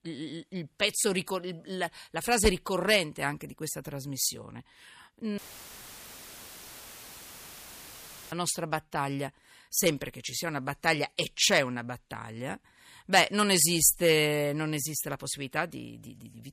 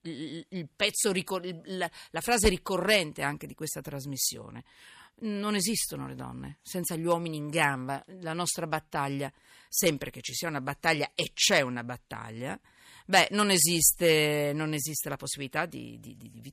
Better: second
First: audio cutting out; filled with static; at 5.5 s for 3 s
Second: none

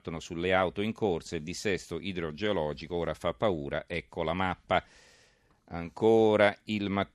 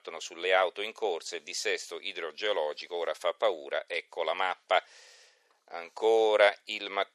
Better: first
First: none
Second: thin; very; fading below 500 Hz

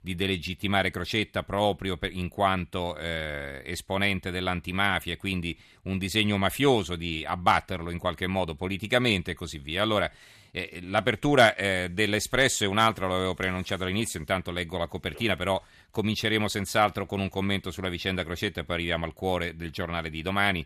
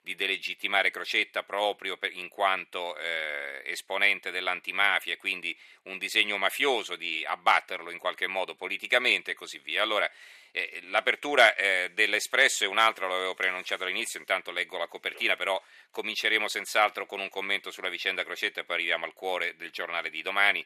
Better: first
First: none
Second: thin; very; fading below 400 Hz

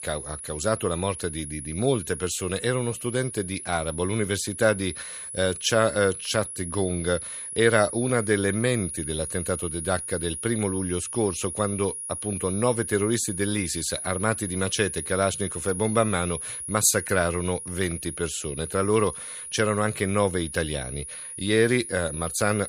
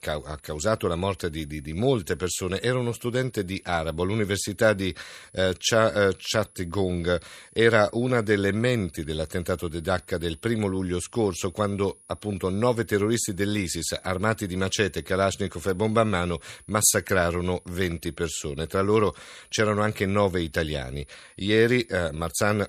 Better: second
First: high-pitched whine; loud; throughout; 10.5 kHz, 7 dB below the speech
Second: high-pitched whine; faint; throughout; 10.5 kHz, 25 dB below the speech

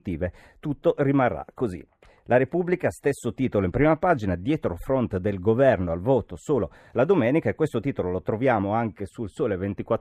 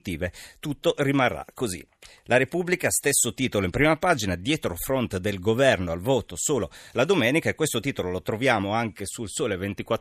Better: second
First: muffled; very; fading above 2.5 kHz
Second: none

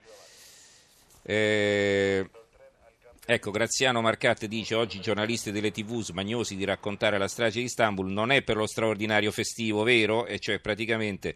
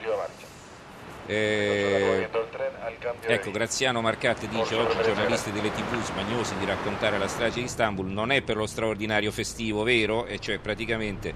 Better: first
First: train or aircraft noise; faint; throughout; 30 dB below the speech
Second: train or aircraft noise; loud; throughout; 5 dB below the speech

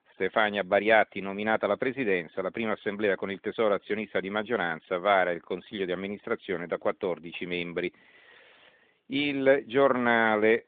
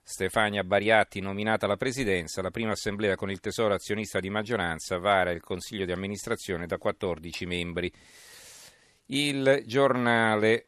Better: second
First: phone-call audio; nothing above 3.5 kHz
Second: none

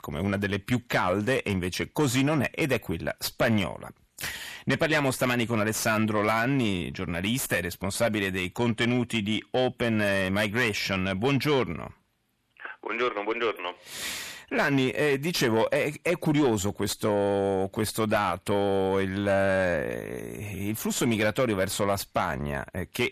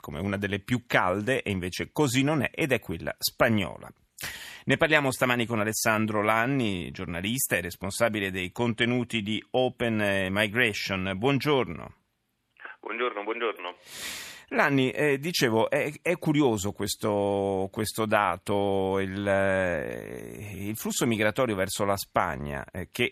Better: second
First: distortion; slight; 10 dB below the speech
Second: none

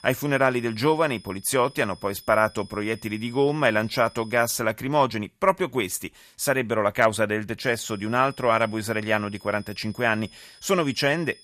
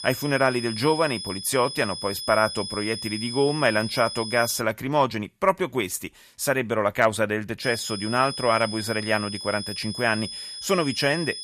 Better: first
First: high-pitched whine; faint; until 4.5 s and from 7.5 s on; 5 kHz, 25 dB below the speech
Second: high-pitched whine; loud; until 4.5 s and from 7.5 s on; 5 kHz, 8 dB below the speech

